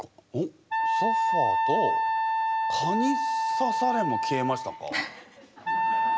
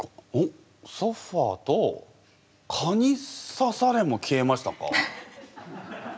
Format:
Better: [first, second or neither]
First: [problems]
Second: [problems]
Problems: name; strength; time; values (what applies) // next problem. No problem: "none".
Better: second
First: background sound (Wind instrument, woodwind instrument); 5 dB above the speech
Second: none